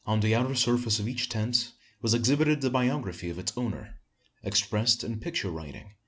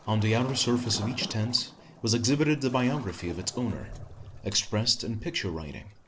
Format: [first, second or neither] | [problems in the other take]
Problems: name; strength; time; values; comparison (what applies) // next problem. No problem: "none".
first | background sound (Waves, surf); 15 dB below the speech